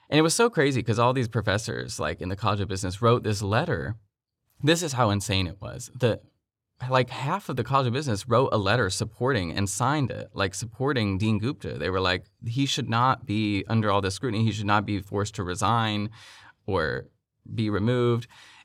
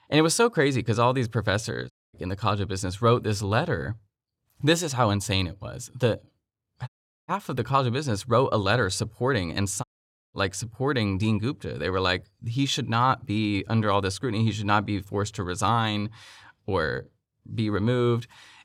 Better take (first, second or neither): first